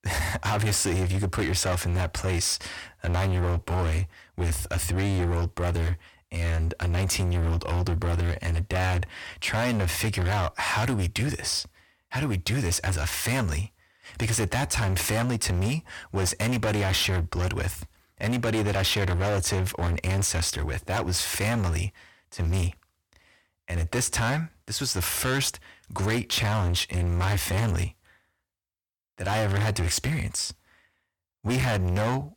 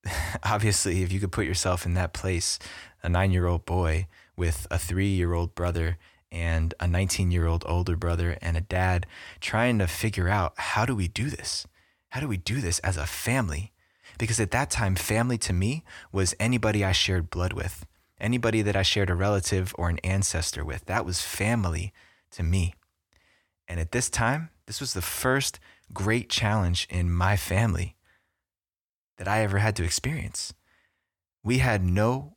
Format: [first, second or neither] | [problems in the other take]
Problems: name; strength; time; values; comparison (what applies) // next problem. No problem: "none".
second | distortion; heavy; 25% of the sound clipped